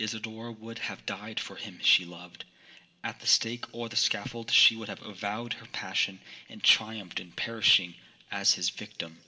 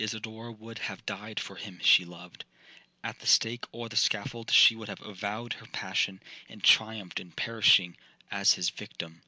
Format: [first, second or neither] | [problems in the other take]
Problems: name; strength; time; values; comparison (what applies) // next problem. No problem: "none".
second | room echo; dies away in 1.3 s